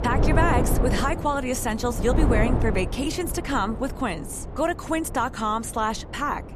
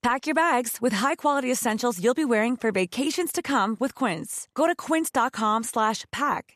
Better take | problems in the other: second | wind noise on the microphone; heavy; 7 dB below the speech

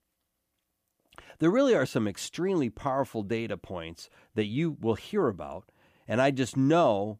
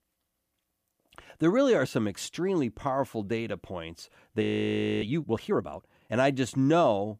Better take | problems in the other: first | audio freezing; at 4.5 s for 0.5 s

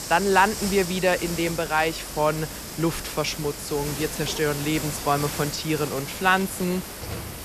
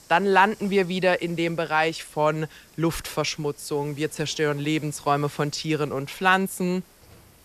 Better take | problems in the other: second | hiss; loud; throughout; 7 dB below the speech; faint in the second

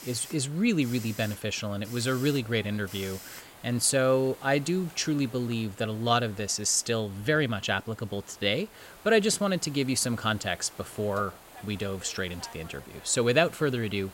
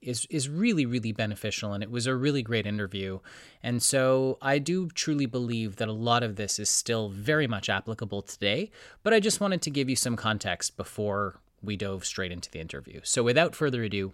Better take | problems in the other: second | hiss; noticeable; throughout; 20 dB below the speech

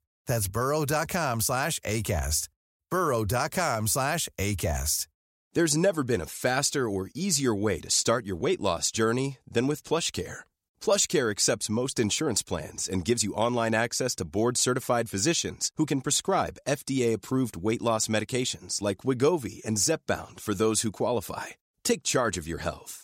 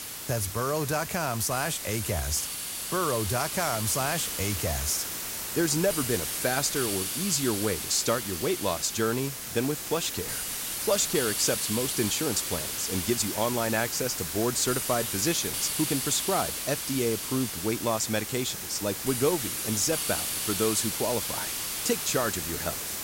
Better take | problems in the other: first | hiss; loud; throughout; 2 dB below the speech

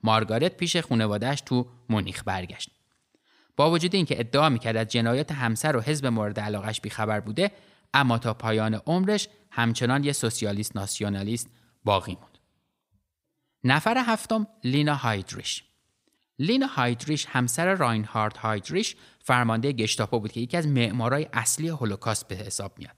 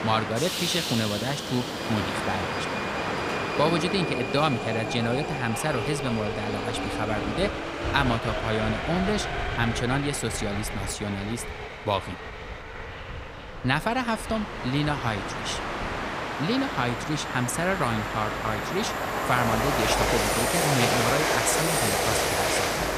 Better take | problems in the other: first | train or aircraft noise; very loud; throughout; as loud as the speech

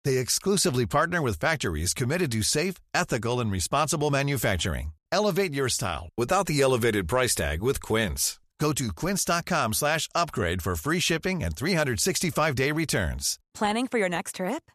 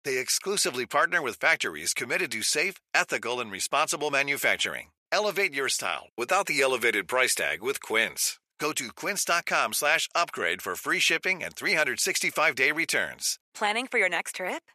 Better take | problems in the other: first | thin; somewhat; fading below 400 Hz

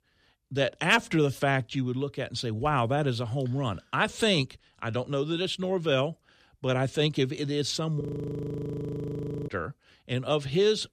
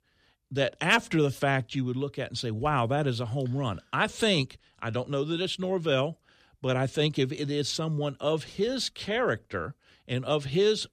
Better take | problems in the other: second | audio freezing; at 8 s for 1.5 s

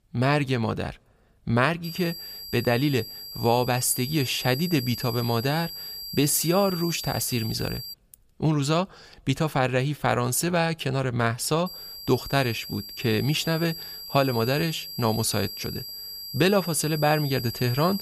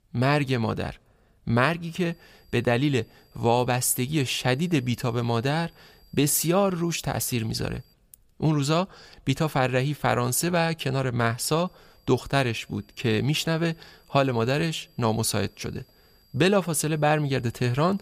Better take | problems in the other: second | high-pitched whine; loud; from 2 to 8 s and from 12 s on; 4.5 kHz, 9 dB below the speech; faint in the second

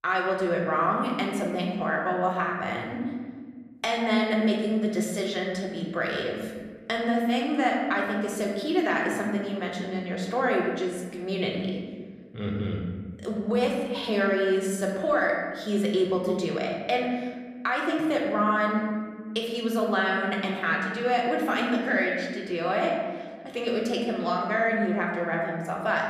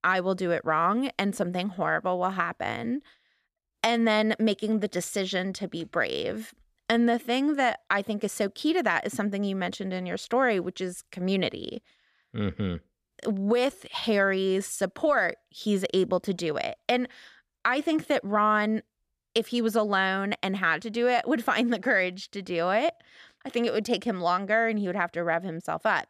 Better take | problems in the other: second | room echo; noticeable; dies away in 1.4 s // off-mic speech; somewhat distant

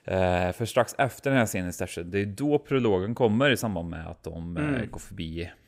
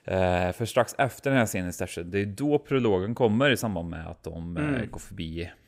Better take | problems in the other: neither | none

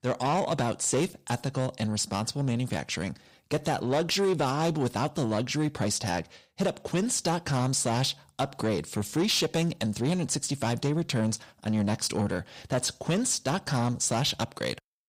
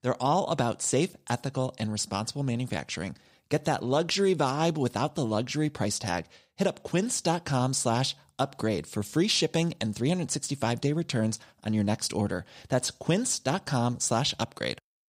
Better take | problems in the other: second | distortion; slight; 10 dB below the speech

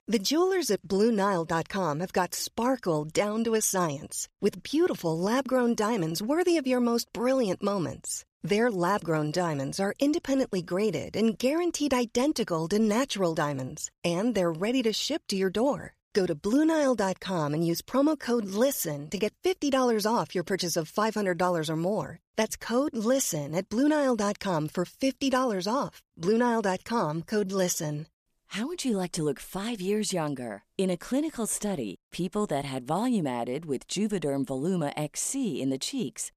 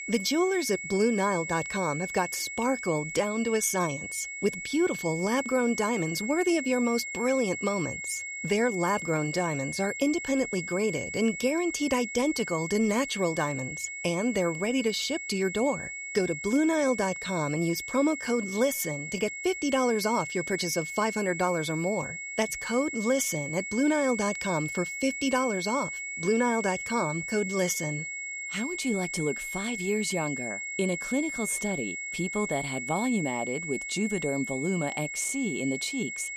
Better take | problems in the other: first | high-pitched whine; loud; throughout; 2 kHz, 5 dB below the speech

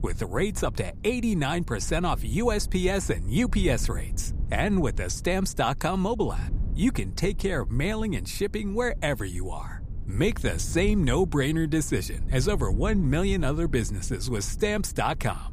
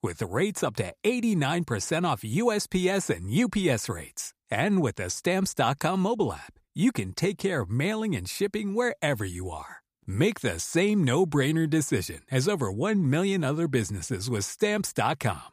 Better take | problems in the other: second | low rumble; faint; throughout; 20 dB below the speech

